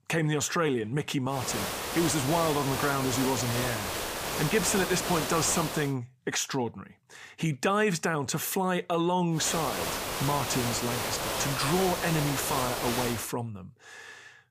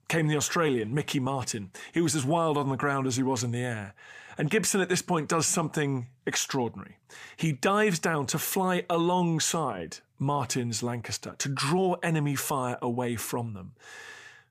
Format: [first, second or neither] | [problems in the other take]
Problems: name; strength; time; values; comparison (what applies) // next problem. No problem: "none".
second | hiss; loud; from 1.5 to 6 s and from 9.5 to 13 s; 2 dB below the speech